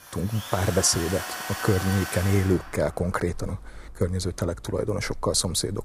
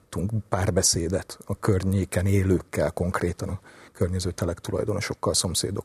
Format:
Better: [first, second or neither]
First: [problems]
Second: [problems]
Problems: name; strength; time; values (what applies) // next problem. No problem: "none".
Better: second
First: machinery noise; loud; throughout; 9 dB below the speech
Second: none